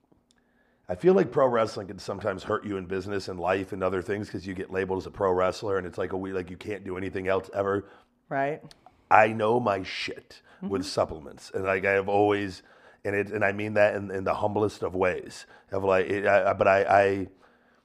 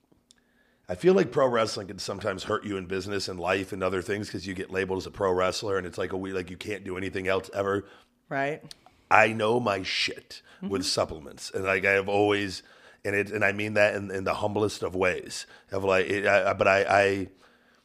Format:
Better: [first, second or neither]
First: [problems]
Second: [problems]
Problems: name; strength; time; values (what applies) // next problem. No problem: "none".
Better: second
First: muffled; slightly; fading above 2 kHz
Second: none